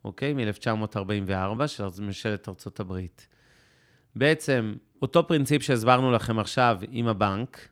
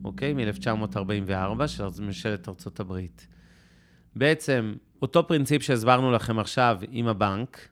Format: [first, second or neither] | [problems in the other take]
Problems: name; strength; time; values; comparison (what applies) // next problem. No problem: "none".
first | low rumble; faint; throughout; 25 dB below the speech